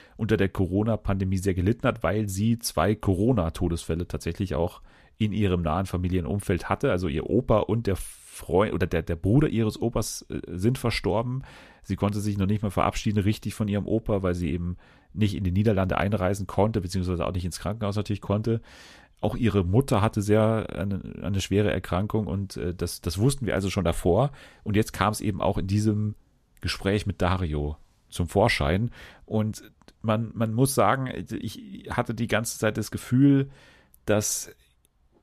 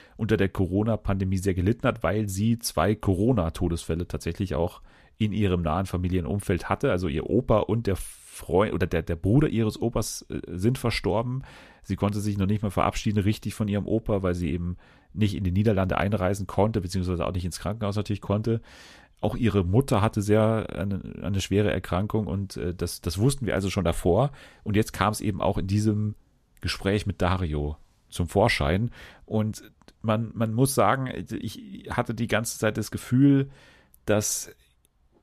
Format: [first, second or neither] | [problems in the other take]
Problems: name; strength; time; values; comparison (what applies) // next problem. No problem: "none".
neither | none